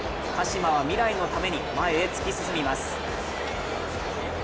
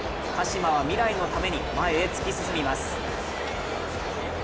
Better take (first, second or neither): first